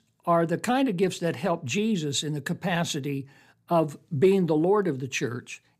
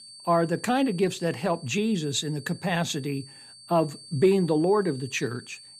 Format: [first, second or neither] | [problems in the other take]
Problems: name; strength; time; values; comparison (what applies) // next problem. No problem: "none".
first | high-pitched whine; noticeable; throughout; 4.5 kHz, 20 dB below the speech